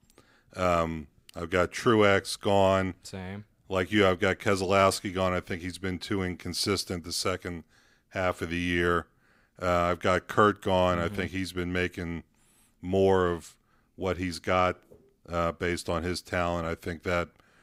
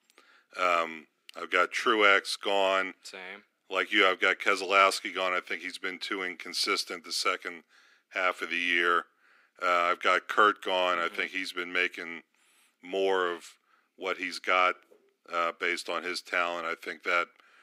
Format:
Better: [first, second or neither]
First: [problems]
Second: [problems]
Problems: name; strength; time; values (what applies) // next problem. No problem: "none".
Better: first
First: none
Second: thin; somewhat; fading below 300 Hz